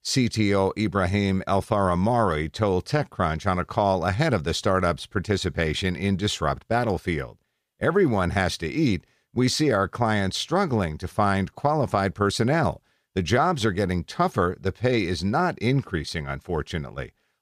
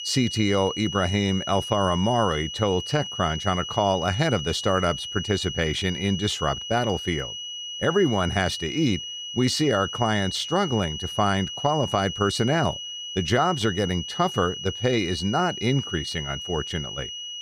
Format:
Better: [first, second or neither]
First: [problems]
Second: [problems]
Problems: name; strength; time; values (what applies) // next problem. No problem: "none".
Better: first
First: none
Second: high-pitched whine; loud; throughout; 3 kHz, 7 dB below the speech